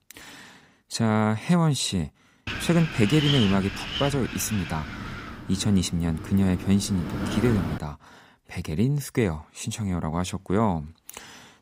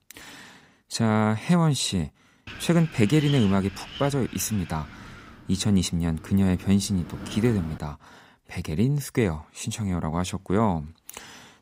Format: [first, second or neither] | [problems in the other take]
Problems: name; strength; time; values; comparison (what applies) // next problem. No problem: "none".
second | wind noise on the microphone; heavy; from 2.5 to 8 s; 3 dB below the speech; occasional gusts in the second